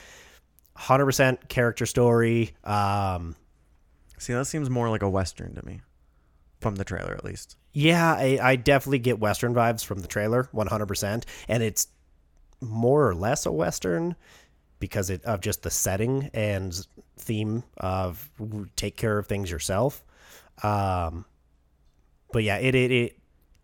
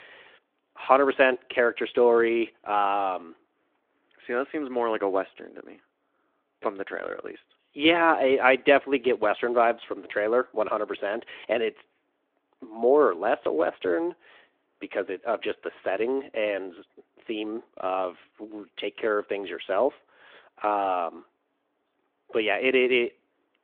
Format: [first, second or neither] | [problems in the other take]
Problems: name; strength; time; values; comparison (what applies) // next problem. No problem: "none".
first | phone-call audio